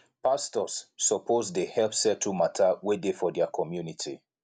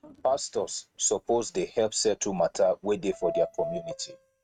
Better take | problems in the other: first | noise reduction (neural mask model RNNoise)

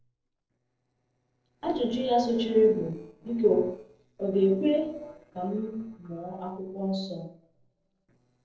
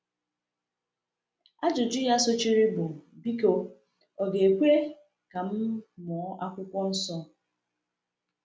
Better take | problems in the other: second | noise reduction (neural separator model SepFormer DNS4)

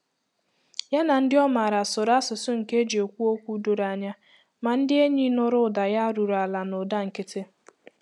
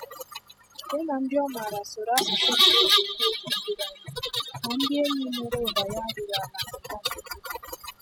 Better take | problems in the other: first | noise reduction (classical method spectral subtraction)

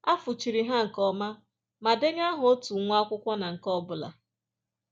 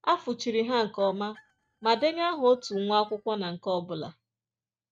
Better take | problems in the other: first | noise reduction (neural mask model RNNoise)

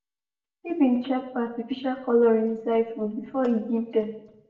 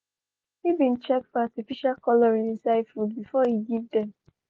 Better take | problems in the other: second | room echo; dies away in 0.6 s

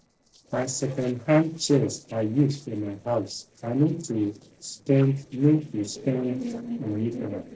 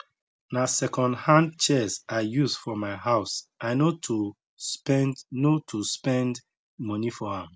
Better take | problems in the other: second | noise reduction (neural separator model SepFormer DNS4)

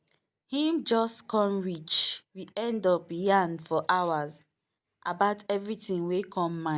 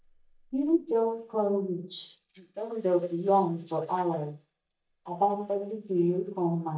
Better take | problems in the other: first | noise reduction (neural mask model DeepFilterNet 3)

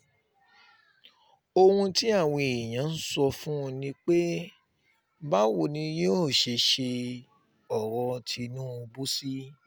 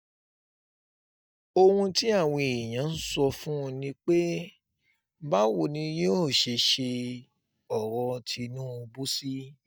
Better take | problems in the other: first | noise reduction (neural mask model DeepFilterNet 3)

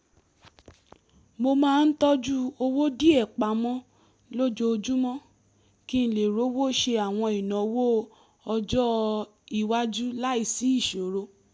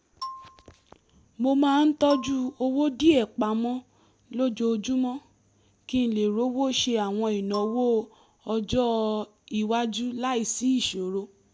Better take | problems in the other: first | background sound (Marimba, xylophone); 18 dB below the speech

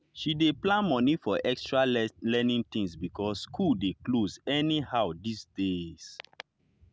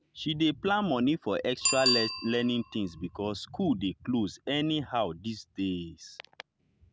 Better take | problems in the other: first | background sound (Bicycle bell); 7 dB below the speech

